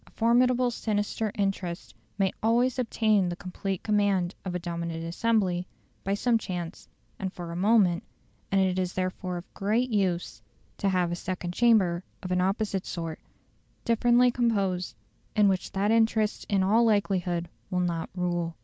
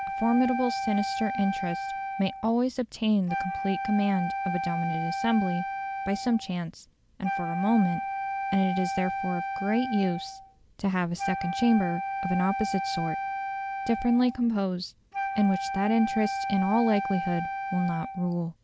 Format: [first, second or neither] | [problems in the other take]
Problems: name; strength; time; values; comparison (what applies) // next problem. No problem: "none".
first | background sound (Wind instrument, woodwind instrument); 5 dB below the speech